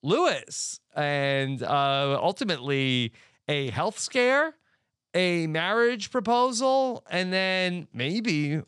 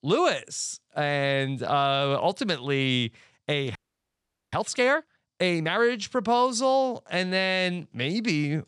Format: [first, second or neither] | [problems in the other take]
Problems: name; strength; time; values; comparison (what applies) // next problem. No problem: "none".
first | audio freezing; at 4 s for 1 s